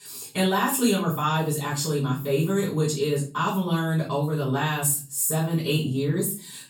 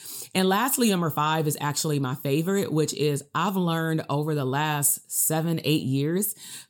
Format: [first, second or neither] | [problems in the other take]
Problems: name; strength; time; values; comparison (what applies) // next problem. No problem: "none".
second | off-mic speech; far // room echo; slight; dies away in 0.3 s